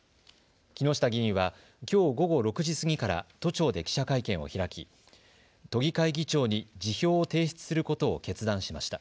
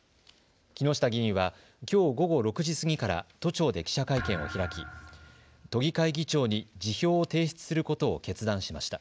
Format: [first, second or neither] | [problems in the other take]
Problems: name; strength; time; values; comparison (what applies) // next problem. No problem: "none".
first | background sound (Thump, thud); 13 dB below the speech